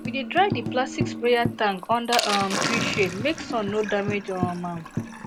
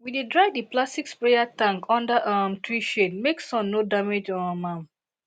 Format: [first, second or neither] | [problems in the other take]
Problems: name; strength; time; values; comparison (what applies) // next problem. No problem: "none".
second | background sound (Sink (filling or washing) + Tambourine); 5 dB below the speech